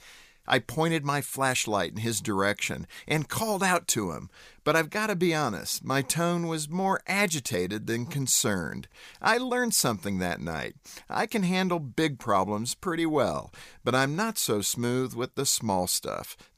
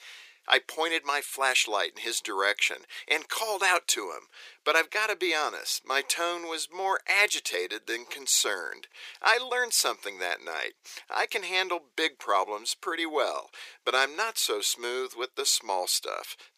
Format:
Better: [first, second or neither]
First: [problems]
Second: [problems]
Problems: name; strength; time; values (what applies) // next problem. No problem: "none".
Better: first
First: none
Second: thin; very; fading below 350 Hz